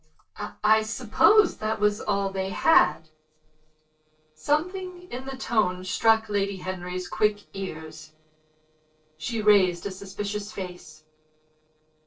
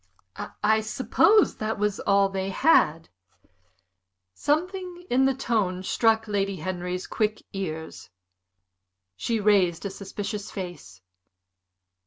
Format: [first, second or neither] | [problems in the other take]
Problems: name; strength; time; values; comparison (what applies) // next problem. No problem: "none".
second | noise reduction (neural separator model SepFormer DNS4)